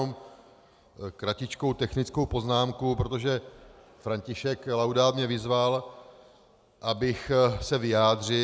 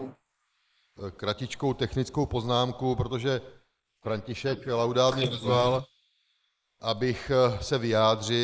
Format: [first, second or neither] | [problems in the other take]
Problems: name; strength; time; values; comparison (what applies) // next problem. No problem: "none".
first | noise reduction (neural mask model Resemble Enhance denoiser)